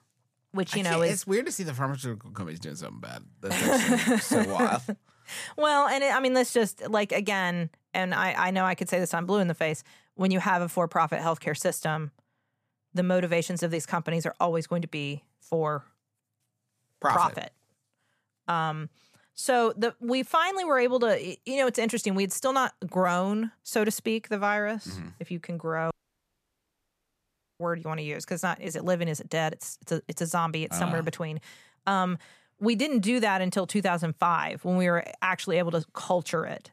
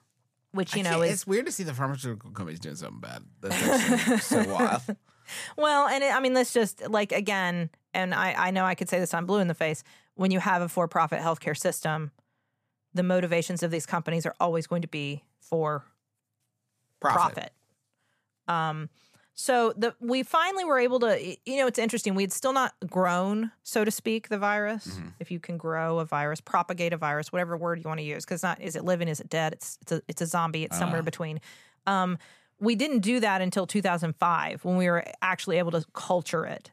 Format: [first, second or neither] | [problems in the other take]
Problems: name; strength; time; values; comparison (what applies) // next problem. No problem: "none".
second | audio cutting out; at 26 s for 1.5 s